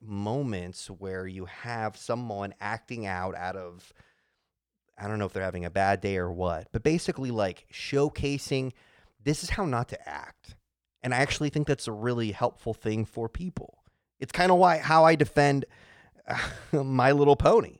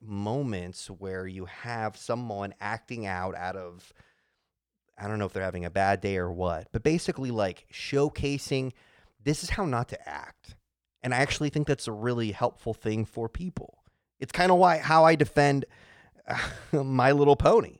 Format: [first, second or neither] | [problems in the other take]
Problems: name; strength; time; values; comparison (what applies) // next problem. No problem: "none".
neither | none